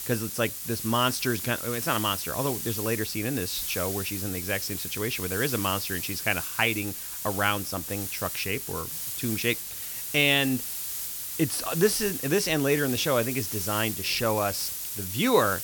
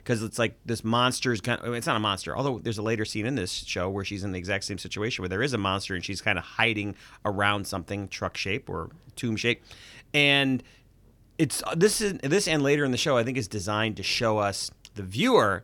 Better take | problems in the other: second | hiss; loud; throughout; 4 dB below the speech

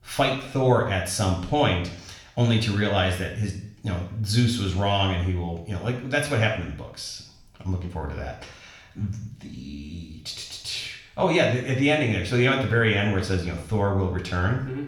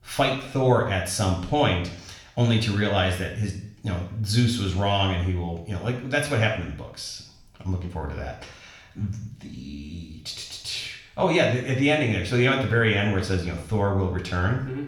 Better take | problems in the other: neither | room echo; noticeable; dies away in 0.6 s; the same in both // off-mic speech; somewhat distant; the same in both

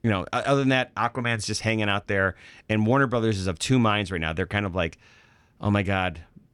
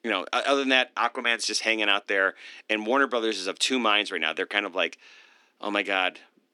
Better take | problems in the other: first | thin; somewhat; fading below 250 Hz

